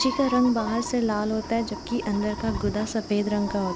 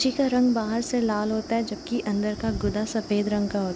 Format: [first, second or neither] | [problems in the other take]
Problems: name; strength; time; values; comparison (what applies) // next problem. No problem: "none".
second | background sound (Chicken, rooster); 11 dB below the speech